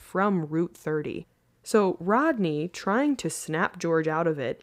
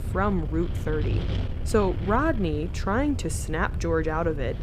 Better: first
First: none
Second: wind noise on the microphone; occasional gusts; 15 dB below the speech

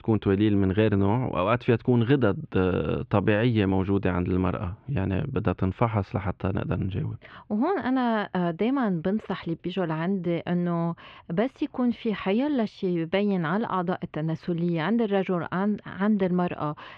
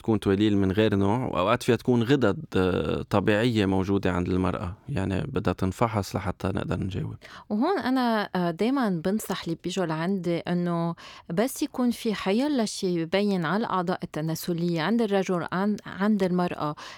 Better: second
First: muffled; very; fading above 3 kHz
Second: none

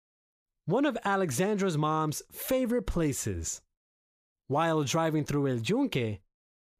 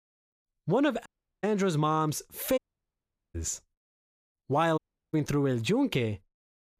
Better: first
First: none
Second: audio cutting out; at 1 s, at 2.5 s for 1 s and at 5 s

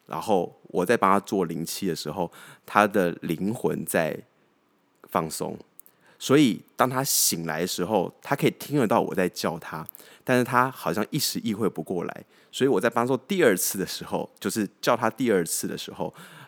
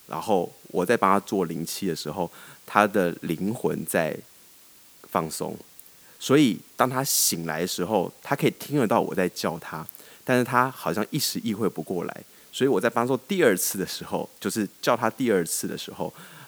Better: first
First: none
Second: hiss; faint; throughout; 25 dB below the speech

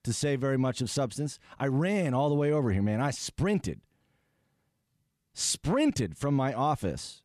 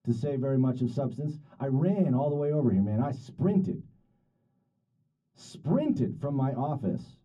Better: first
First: none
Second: room echo; very slight; dies away in 0.4 s // off-mic speech; far

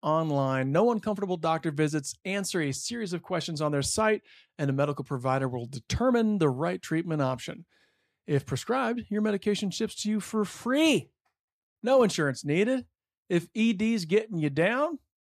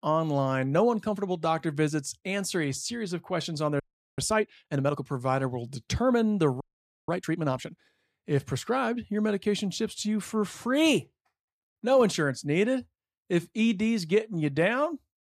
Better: first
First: none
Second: audio freezing; at 4 s and at 6.5 s

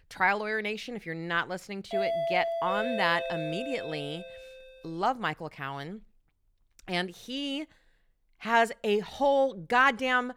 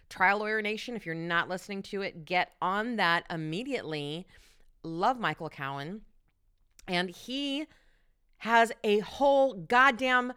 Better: second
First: doorbell; loud; from 2 to 4.5 s; peak level with the speech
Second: none

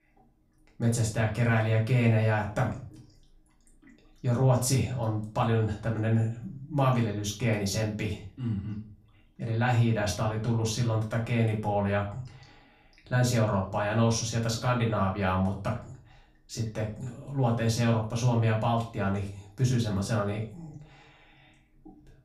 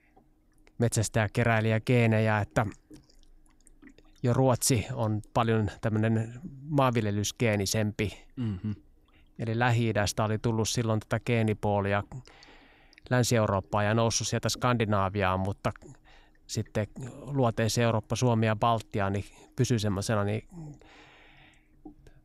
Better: second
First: off-mic speech; far // room echo; slight; dies away in 0.4 s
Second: none

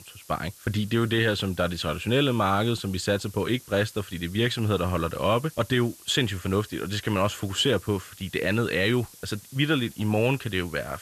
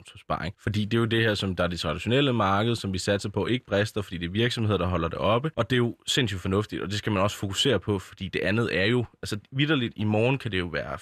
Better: second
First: hiss; faint; throughout; 20 dB below the speech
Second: none

